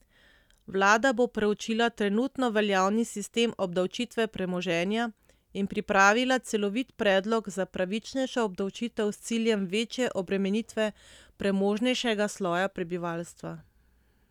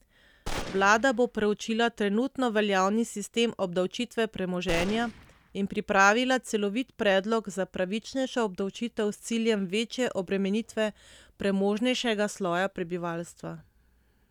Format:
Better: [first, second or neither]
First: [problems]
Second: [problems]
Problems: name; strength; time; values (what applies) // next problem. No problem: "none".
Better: first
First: none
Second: background sound (Gunshot, gunfire); 11 dB below the speech